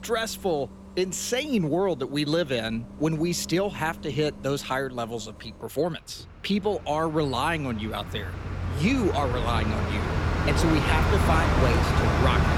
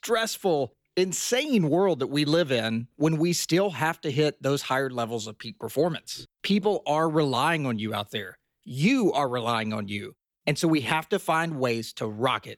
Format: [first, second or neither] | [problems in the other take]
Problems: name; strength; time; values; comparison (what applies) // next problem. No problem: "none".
second | traffic noise; very loud; throughout; 1 dB above the speech